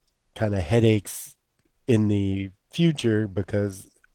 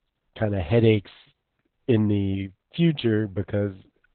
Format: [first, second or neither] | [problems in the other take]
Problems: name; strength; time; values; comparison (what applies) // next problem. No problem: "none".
first | garbled, watery; badly; nothing above 3.5 kHz; slightly in the first